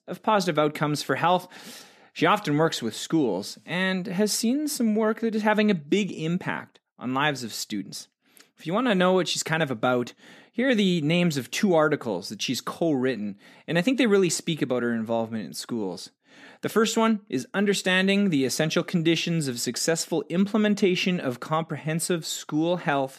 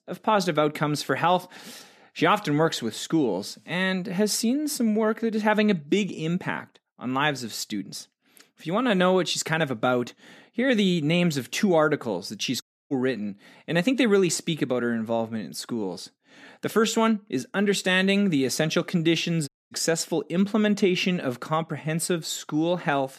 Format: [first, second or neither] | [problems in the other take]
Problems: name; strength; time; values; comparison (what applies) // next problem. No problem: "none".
first | audio cutting out; at 13 s and at 19 s